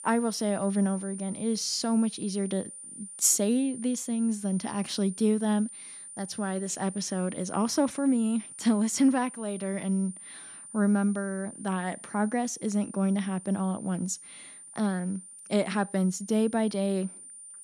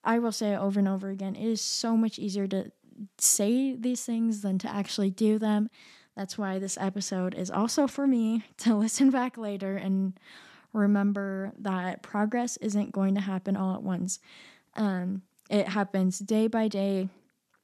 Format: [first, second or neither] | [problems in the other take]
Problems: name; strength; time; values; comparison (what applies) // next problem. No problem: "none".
second | high-pitched whine; noticeable; throughout; 9 kHz, 15 dB below the speech